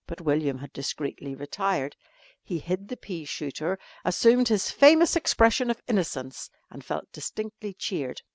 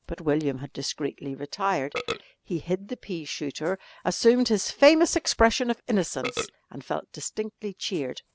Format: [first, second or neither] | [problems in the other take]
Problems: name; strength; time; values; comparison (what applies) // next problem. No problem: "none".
first | background sound (Burping, eructation); 16 dB below the speech